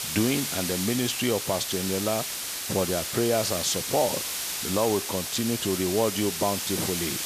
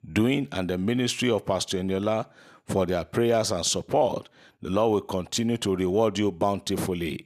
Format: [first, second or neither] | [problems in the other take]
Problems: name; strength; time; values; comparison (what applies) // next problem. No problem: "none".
second | hiss; loud; throughout; 2 dB below the speech